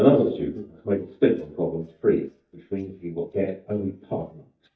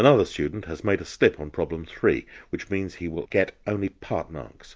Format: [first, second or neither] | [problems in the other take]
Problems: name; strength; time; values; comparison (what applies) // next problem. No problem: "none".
second | noise reduction (neural mask model DeepFilterNet 3)